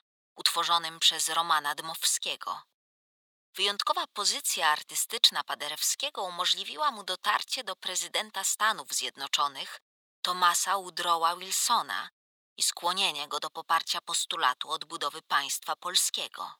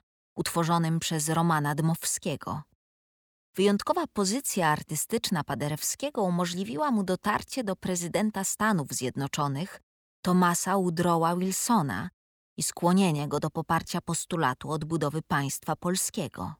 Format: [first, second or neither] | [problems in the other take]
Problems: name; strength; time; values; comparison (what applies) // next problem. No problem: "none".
second | thin; very; fading below 900 Hz